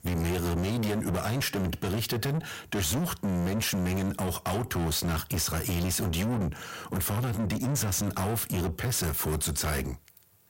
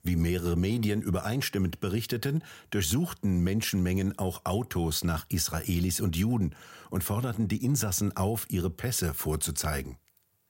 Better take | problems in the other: second | distortion; heavy; 6 dB below the speech

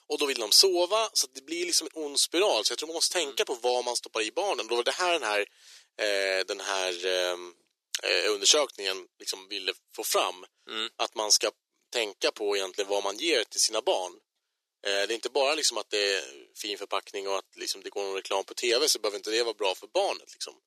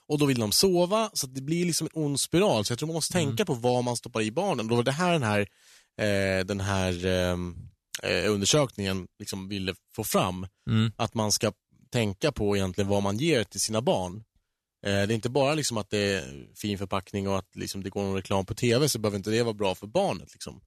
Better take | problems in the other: second | thin; very; fading below 350 Hz

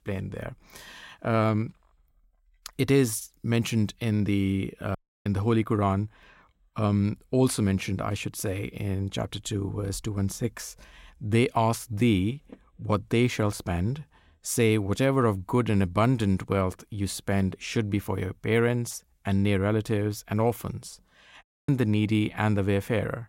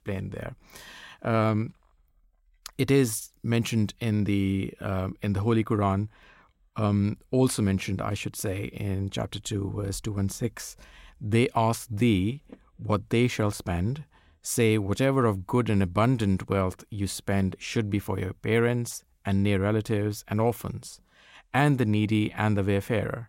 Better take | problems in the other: second | audio cutting out; at 5 s and at 21 s

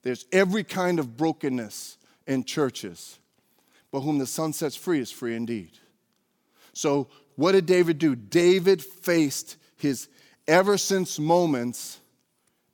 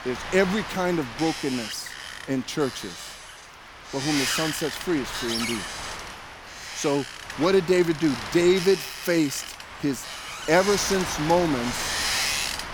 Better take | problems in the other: first | wind noise on the microphone; heavy; 4 dB below the speech

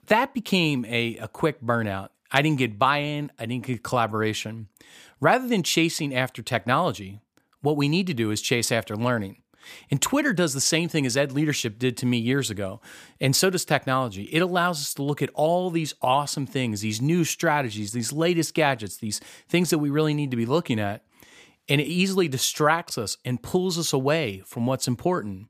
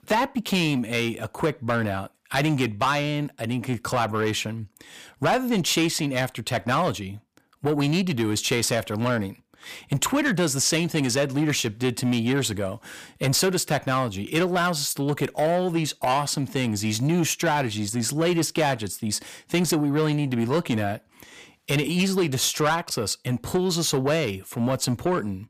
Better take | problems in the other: first | distortion; slight; 10 dB below the speech

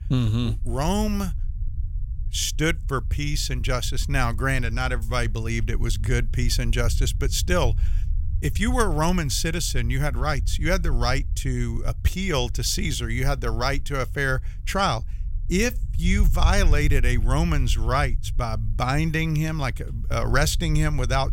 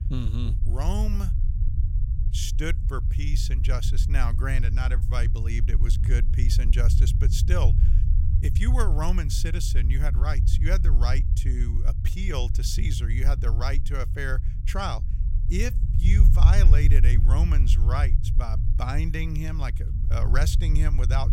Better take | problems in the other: first | low rumble; loud; throughout; 8 dB below the speech; faint in the first

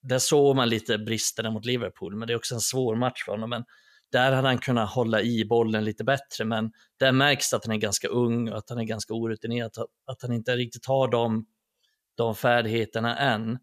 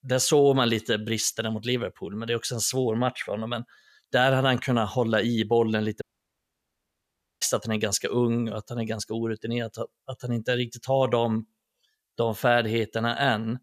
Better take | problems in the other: first | audio cutting out; at 6 s for 1.5 s

